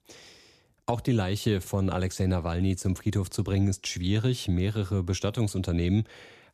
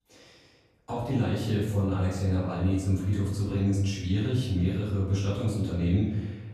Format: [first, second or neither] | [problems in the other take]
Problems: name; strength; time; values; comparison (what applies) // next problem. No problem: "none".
first | off-mic speech; far // room echo; noticeable; dies away in 1.1 s